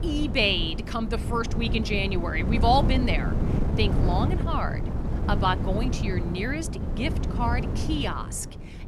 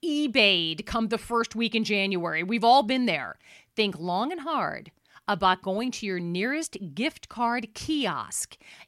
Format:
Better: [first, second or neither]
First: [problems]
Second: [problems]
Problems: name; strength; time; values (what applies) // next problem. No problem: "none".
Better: second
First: wind noise on the microphone; heavy; 9 dB below the speech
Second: none